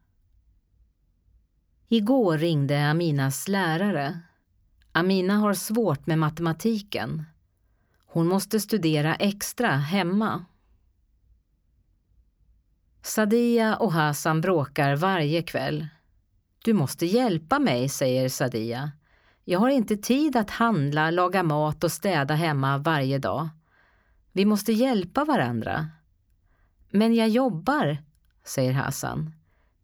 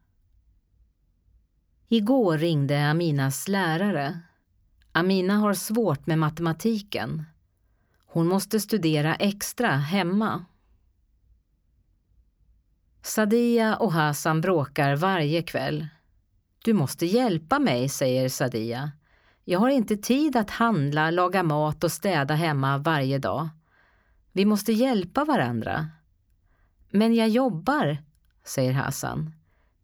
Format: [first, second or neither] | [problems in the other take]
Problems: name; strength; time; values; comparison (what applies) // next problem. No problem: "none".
neither | none